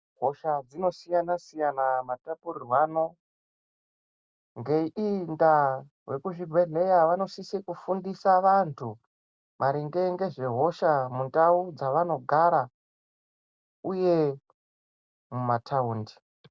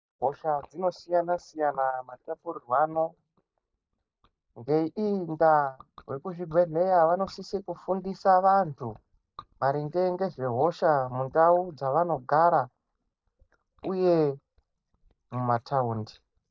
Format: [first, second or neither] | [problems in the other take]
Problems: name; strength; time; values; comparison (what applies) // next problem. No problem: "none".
first | noise reduction (neural mask model DeepFilterNet 3)